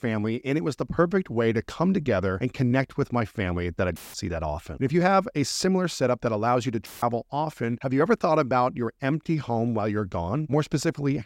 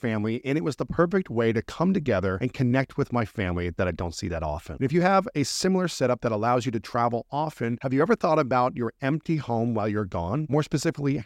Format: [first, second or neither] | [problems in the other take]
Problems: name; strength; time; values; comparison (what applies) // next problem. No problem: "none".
second | audio cutting out; filled with static; at 4 s and at 7 s